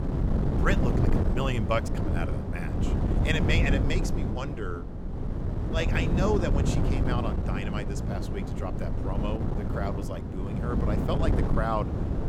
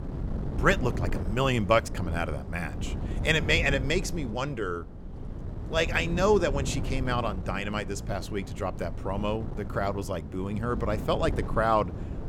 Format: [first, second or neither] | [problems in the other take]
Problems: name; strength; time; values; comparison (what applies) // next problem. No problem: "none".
second | wind noise on the microphone; heavy; 3 dB below the speech; occasional gusts in the second